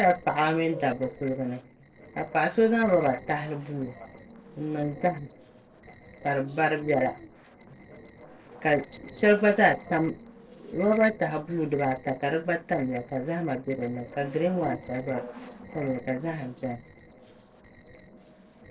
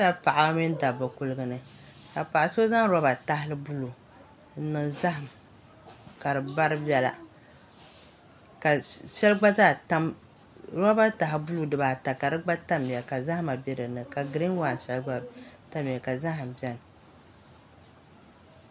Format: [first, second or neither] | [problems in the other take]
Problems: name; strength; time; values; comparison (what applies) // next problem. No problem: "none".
second | noise reduction (neural separator model SepFormer DNS4)